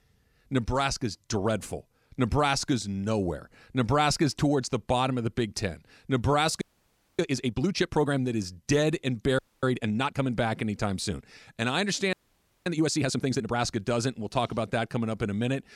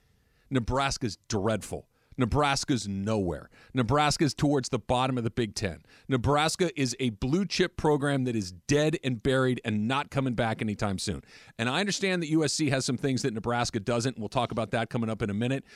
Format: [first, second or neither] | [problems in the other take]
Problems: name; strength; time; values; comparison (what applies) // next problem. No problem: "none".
second | audio freezing; at 6.5 s for 0.5 s, at 9.5 s and at 12 s for 0.5 s